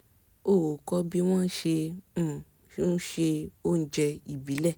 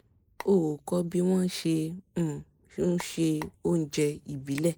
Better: first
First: none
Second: noise reduction (neural mask model Resemble Enhance denoiser)

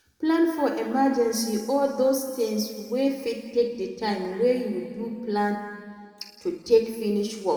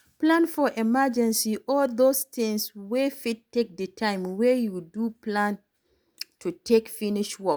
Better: second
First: room echo; dies away in 2 s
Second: none

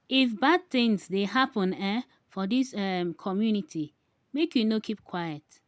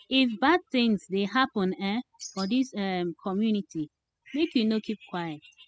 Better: first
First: none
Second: noise reduction (classical method spectral subtraction)

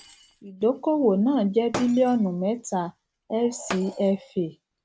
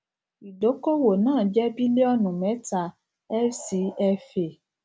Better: second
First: background sound (Shatter); 16 dB below the speech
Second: none

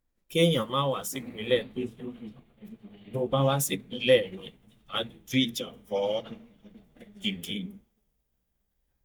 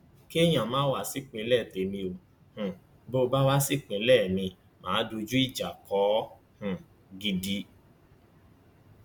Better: second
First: noise reduction (neural mask model DeepFilterNet 3)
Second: none

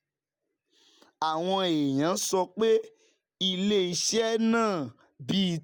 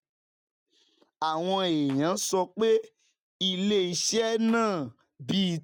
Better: first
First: none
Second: noise reduction (neural mask model RNNoise)

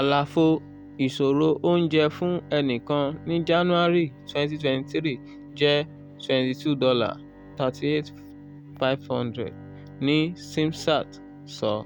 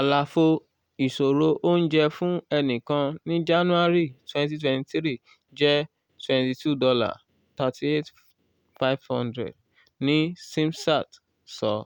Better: second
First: background sound (Bowed string instrument); 18 dB below the speech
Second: none

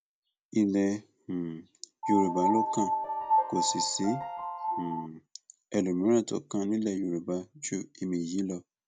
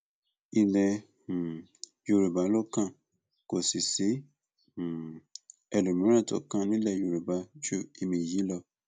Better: second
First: background sound (Piano); 1 dB above the speech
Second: none

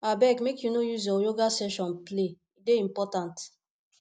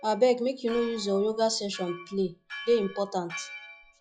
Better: first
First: none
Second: noise reduction (classical method log-MMSE)

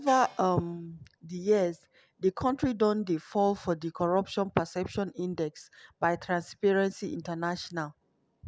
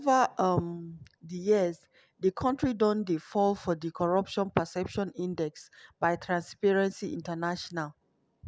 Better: second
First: background sound (Gong); 20 dB below the speech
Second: none

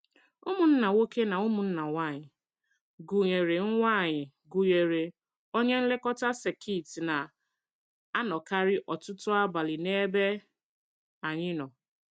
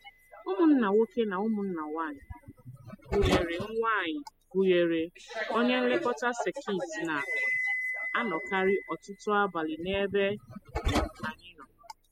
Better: first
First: none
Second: noise reduction (classical method spectral subtraction)

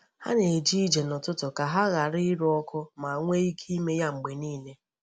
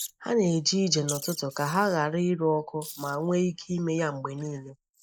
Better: first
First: none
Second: noise reduction (neural mask model Resemble Enhance denoiser)

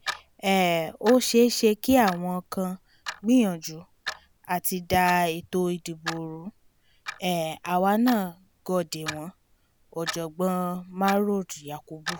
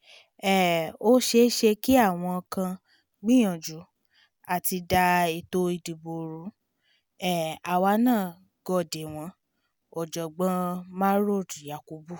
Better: second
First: background sound (Clock); 15 dB below the speech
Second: none

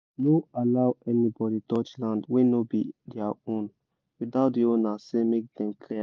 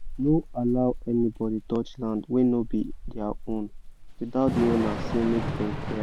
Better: first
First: none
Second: background sound (Thunder / Rain); 7 dB below the speech

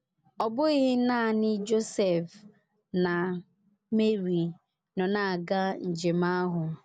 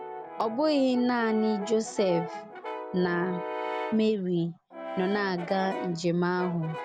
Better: first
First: none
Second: background sound (Brass instrument); 10 dB below the speech

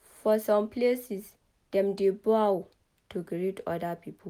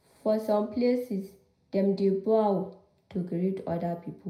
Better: first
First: none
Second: room echo; dies away in 0.4 s

